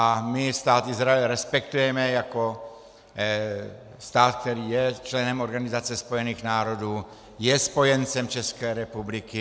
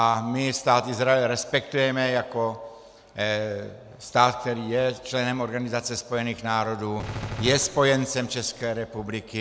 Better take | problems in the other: first | background sound (Gunshot, gunfire); 11 dB below the speech

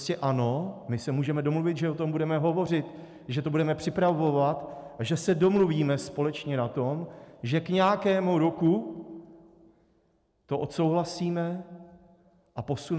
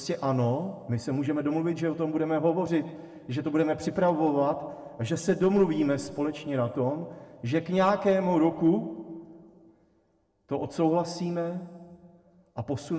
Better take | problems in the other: first | room echo; dies away in 0.9 s

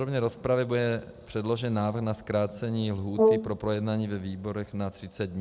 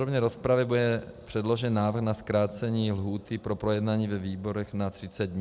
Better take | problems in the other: second | background sound (Brass instrument); 1 dB above the speech

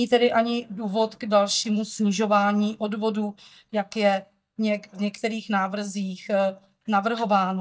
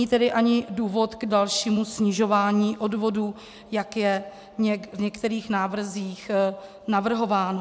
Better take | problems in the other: second | noise reduction (neural mask model DeepFilterNet 3)

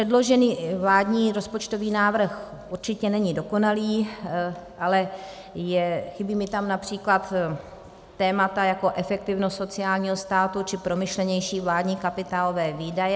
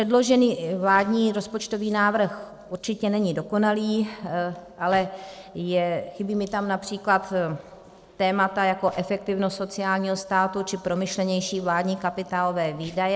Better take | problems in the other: first | noise reduction (neural separator model SepFormer DNS4)

